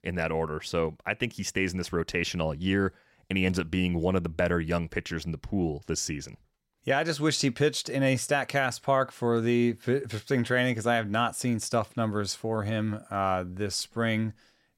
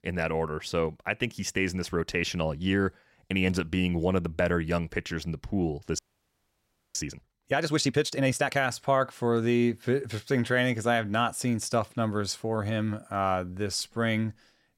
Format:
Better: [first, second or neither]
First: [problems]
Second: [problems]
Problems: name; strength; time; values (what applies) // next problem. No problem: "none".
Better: first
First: none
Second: audio freezing; at 6 s for 1 s